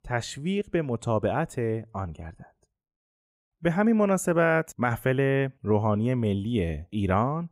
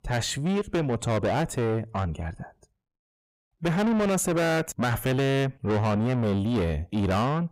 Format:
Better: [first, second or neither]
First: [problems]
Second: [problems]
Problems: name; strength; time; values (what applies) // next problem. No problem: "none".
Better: first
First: none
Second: distortion; heavy; 6 dB below the speech